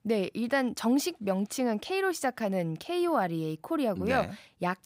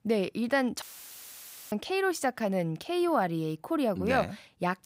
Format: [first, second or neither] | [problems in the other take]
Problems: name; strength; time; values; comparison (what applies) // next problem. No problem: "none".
first | audio cutting out; filled with static; at 1 s for 1 s